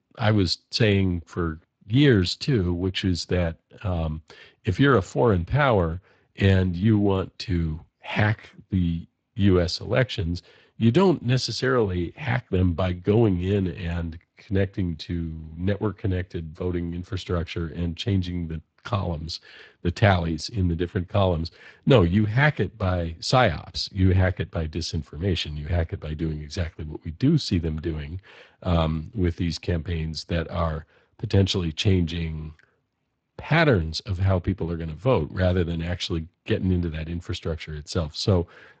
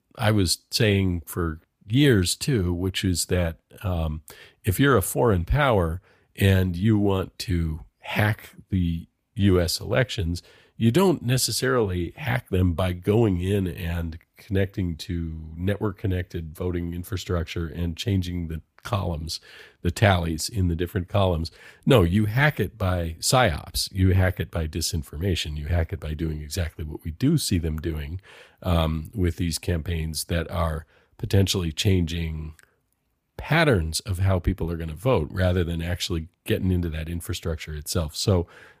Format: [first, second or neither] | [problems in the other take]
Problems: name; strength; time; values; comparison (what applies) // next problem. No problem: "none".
second | garbled, watery; slightly; nothing above 8 kHz